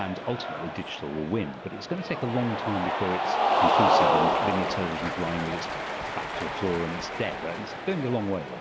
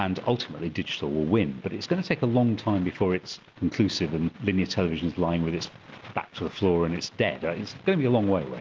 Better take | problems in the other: second | background sound (Cheering); 3 dB above the speech

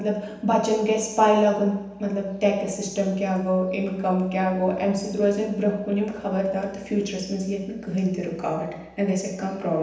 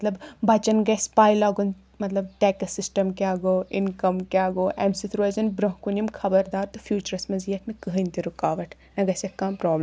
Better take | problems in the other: second | room echo; dies away in 0.9 s

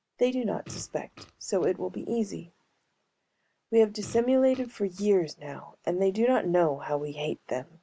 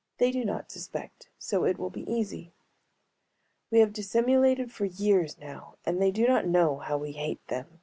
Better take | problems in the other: second | background sound (Fart); 20 dB below the speech

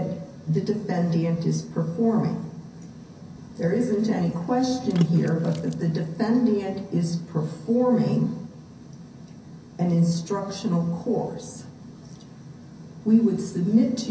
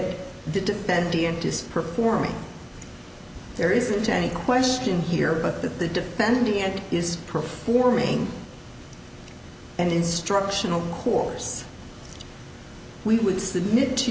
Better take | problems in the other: second | background sound (Water / Splash, splatter); 18 dB below the speech // room echo; dies away in 0.3 s

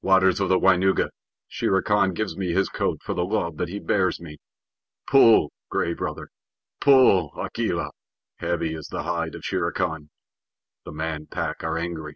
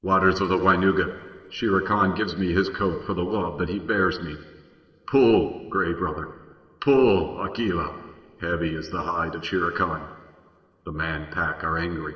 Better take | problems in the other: first | room echo; dies away in 3 s

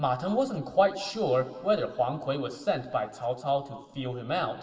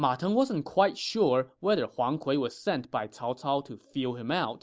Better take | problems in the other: second | room echo; dies away in 1.8 s

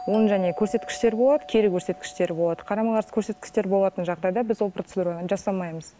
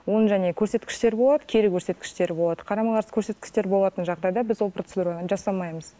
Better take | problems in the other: second | background sound (Doorbell); 18 dB below the speech

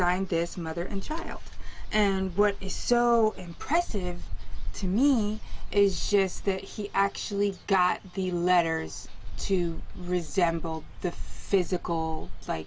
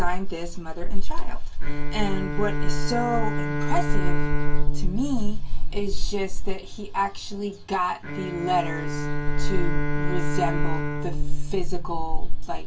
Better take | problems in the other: first | background sound (Bowed string instrument); 13 dB below the speech // room echo; dies away in 0.2 s

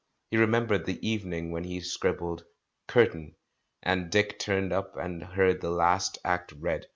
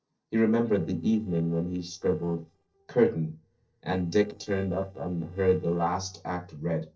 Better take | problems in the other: first | noise reduction (neural separator model SepFormer DNS4)

